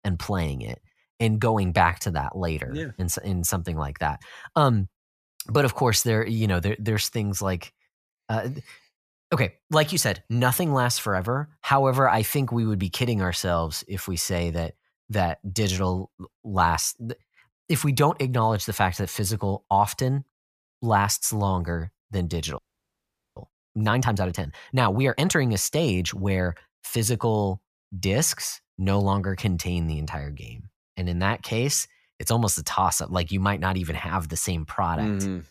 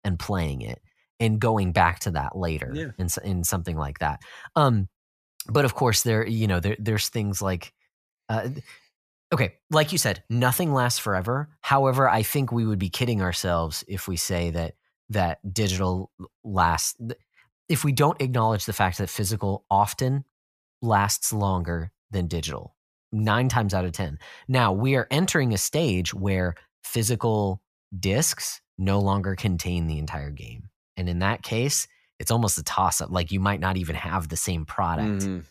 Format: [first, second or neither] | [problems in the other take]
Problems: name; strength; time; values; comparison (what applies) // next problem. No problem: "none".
second | audio freezing; at 23 s for 1 s